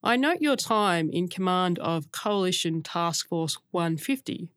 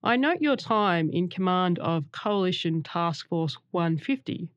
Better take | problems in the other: first | muffled; slightly; fading above 3.5 kHz

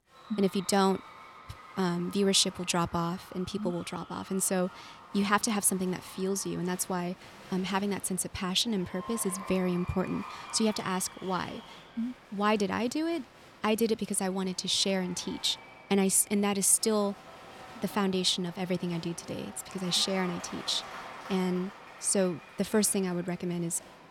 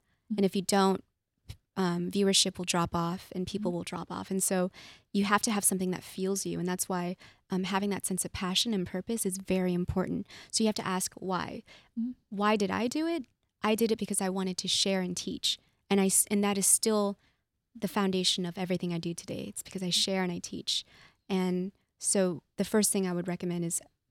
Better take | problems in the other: second | crowd noise; noticeable; throughout; 20 dB below the speech

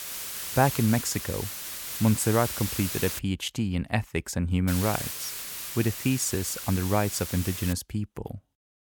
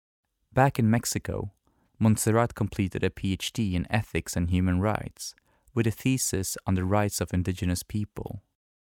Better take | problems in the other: second | hiss; loud; until 3 s and from 4.5 to 7.5 s; 5 dB below the speech

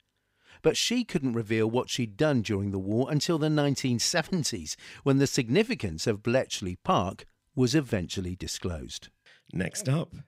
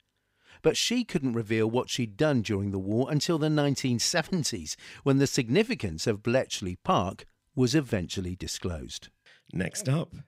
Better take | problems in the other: neither | none

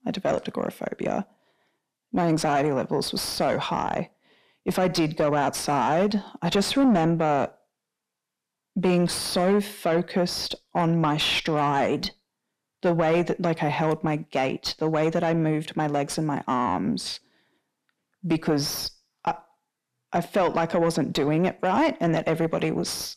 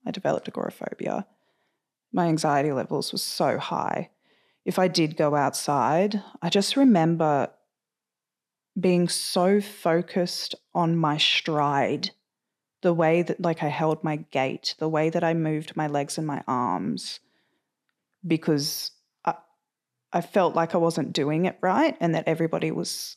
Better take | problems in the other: second | distortion; slight; 10 dB below the speech

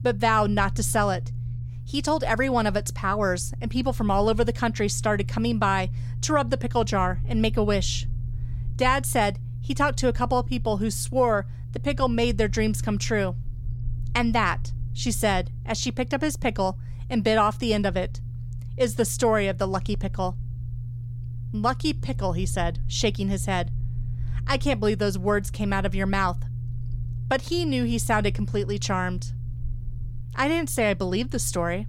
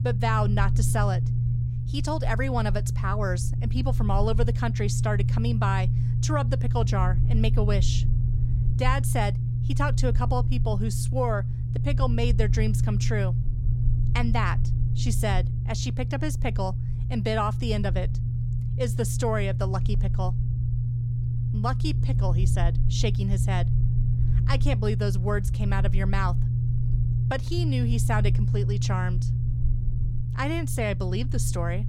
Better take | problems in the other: first | low rumble; loud; throughout; 8 dB below the speech; faint in the first

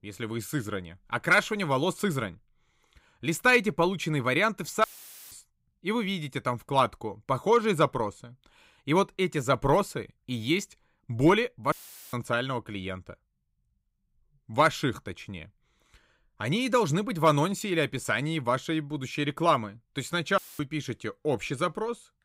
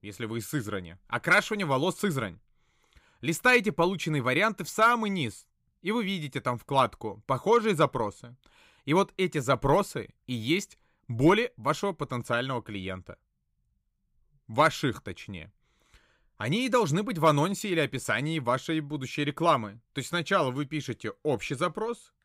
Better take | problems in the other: second | audio cutting out; filled with static; at 5 s, at 12 s and at 20 s

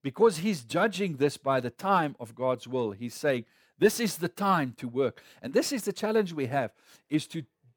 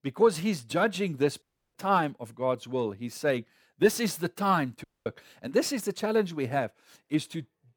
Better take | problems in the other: first | audio cutting out; at 1.5 s and at 5 s

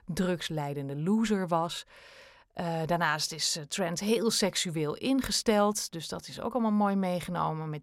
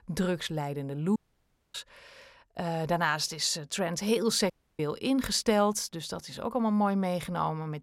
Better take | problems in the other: first | audio cutting out; at 1 s for 0.5 s and at 4.5 s

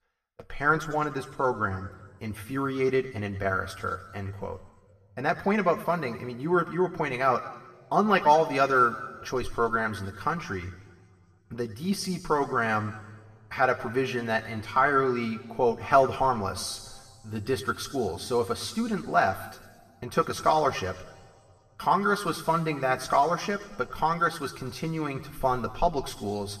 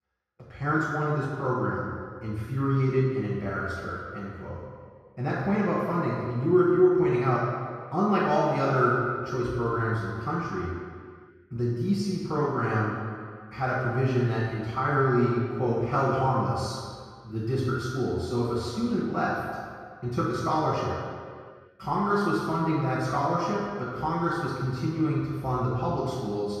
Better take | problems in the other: first | room echo; strong; dies away in 2 s; slight in the first // off-mic speech; far

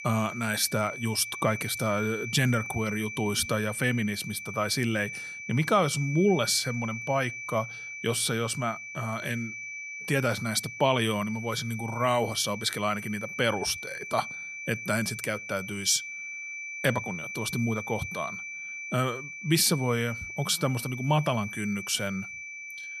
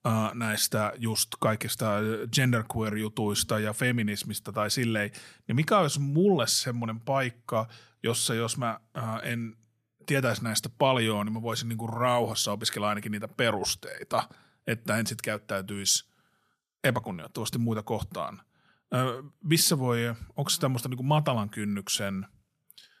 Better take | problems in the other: second | high-pitched whine; loud; throughout; 2.5 kHz, 8 dB below the speech

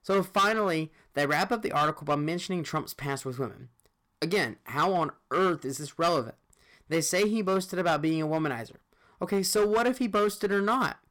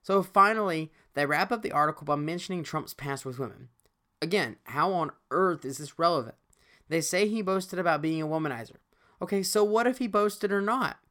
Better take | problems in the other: second | distortion; slight; 6% of the sound clipped

